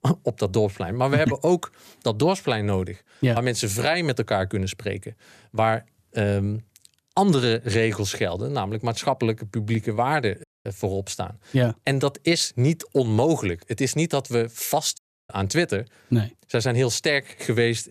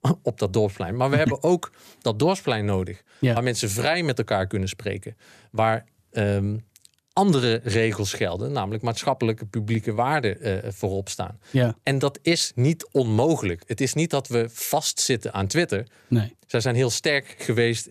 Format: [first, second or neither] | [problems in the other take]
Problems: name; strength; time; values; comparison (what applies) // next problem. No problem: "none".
second | audio cutting out; at 10 s and at 15 s